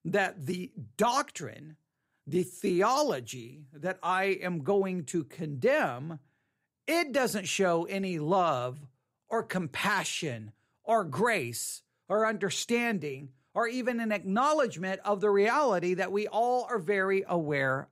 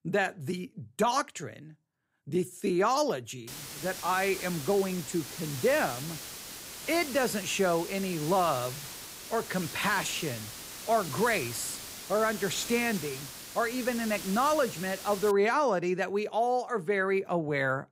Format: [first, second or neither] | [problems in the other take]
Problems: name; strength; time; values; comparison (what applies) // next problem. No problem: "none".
first | hiss; loud; from 3.5 to 15 s; 9 dB below the speech